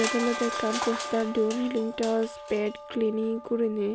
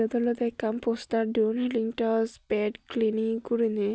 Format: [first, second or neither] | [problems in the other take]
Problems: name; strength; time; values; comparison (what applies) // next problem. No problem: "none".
second | background sound (Crushing + Bell); 8 dB below the speech